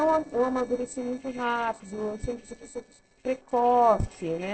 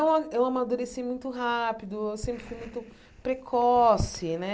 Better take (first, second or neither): second